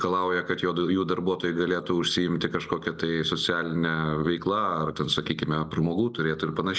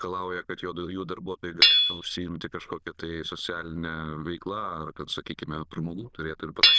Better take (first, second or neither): first